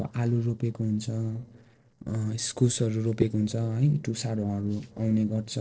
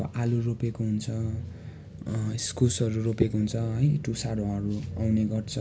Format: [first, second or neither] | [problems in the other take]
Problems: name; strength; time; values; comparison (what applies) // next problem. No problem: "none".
second | noise reduction (neural separator model SepFormer DNS4)